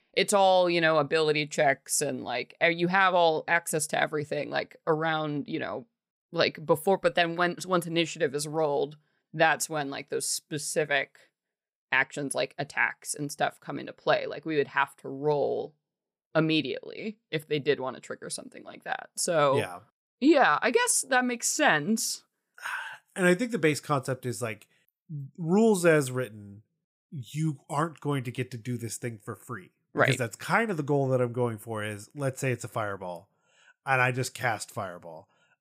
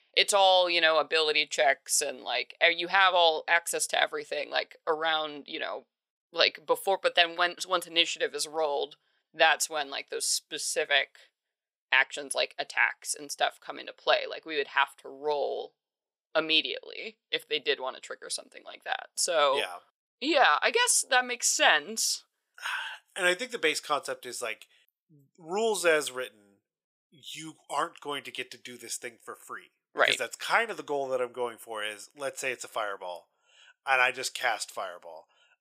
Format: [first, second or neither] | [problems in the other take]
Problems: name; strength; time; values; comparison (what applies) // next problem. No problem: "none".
first | thin; very; fading below 600 Hz